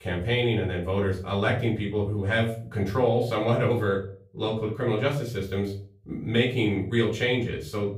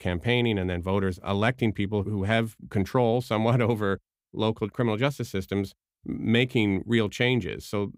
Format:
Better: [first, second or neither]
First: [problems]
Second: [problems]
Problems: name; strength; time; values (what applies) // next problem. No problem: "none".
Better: second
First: off-mic speech; far // room echo; slight; dies away in 0.4 s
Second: none